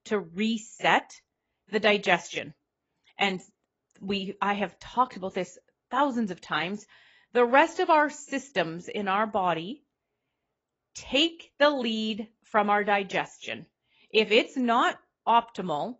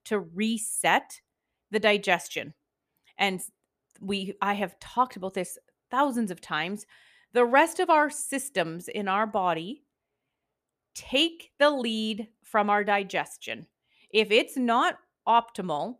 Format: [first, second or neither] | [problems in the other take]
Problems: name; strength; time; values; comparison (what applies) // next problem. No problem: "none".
second | garbled, watery; badly; nothing above 7.5 kHz